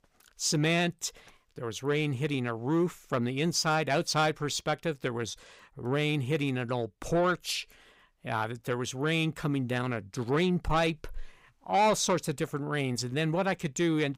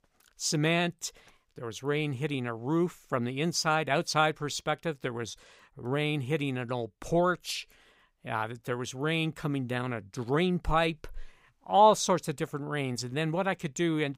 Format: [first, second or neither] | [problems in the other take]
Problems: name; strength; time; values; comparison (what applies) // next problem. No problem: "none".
second | distortion; slight; 10 dB below the speech